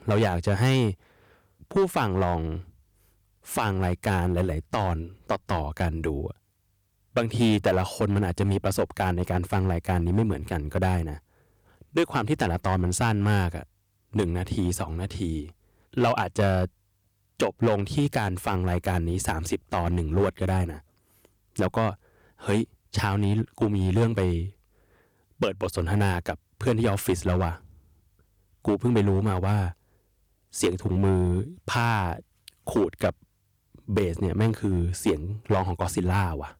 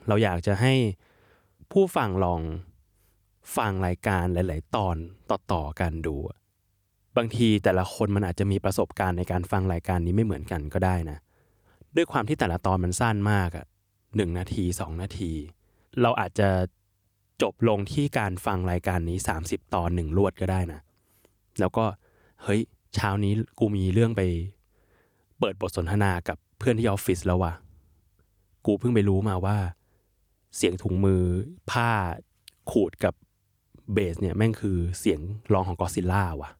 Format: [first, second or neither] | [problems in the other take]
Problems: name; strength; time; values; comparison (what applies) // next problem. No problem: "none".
second | distortion; slight; 4% of the sound clipped